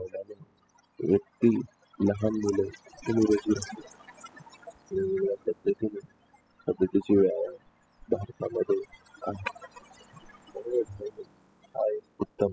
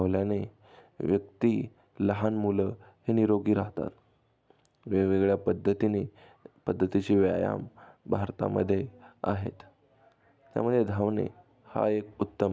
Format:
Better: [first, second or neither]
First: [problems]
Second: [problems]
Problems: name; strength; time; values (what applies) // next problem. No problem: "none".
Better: second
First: noise reduction (classical method spectral subtraction)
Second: none